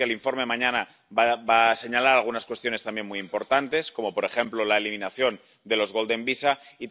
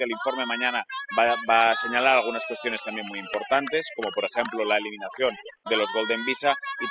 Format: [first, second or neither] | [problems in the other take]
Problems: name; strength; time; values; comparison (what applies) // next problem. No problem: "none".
first | noise reduction (classical method spectral subtraction)